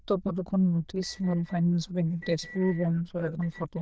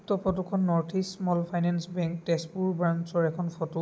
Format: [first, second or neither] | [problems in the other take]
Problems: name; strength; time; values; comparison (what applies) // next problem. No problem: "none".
second | noise reduction (neural diffusion model UNIVERSE++)